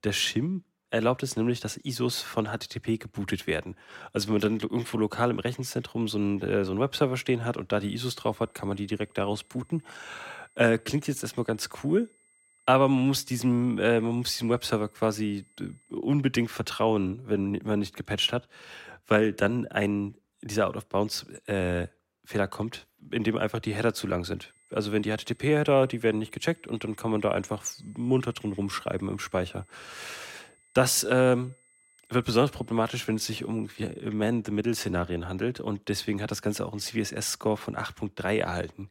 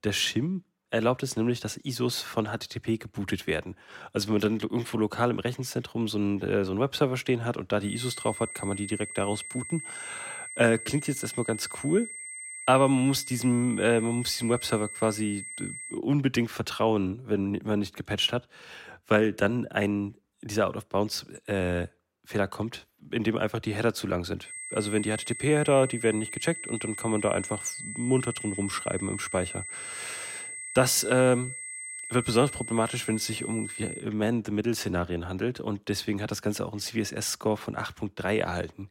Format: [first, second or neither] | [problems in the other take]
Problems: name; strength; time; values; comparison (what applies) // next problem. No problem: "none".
first | high-pitched whine; loud; from 8 to 16 s and from 24 to 34 s; 2 kHz, 8 dB below the speech; faint in the first